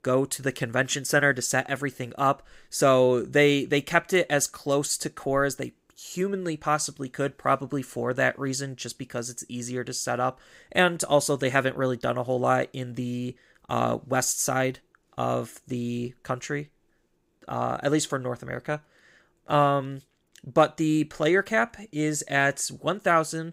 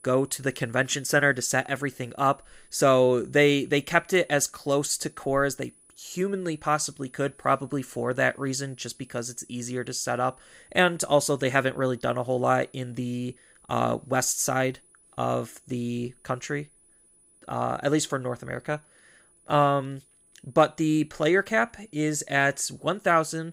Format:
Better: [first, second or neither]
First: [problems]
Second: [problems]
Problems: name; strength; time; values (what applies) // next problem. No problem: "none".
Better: first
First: none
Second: high-pitched whine; faint; throughout; 10 kHz, 30 dB below the speech